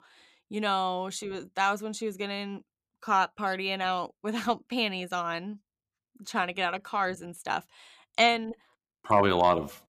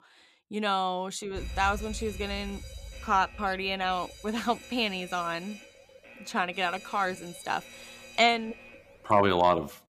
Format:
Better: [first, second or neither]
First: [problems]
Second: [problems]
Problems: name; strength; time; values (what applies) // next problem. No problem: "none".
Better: first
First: none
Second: alarm; noticeable; from 1.5 to 9 s; peak 10 dB below the speech